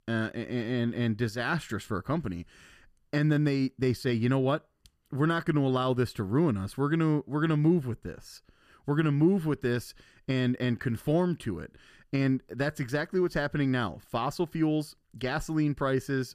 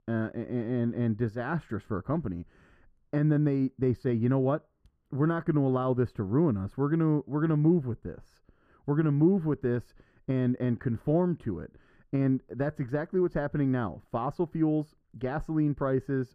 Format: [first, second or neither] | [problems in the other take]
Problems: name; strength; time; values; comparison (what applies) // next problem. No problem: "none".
first | muffled; very; fading above 2 kHz